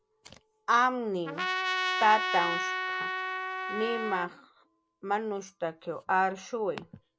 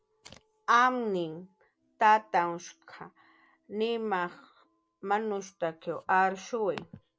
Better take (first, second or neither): second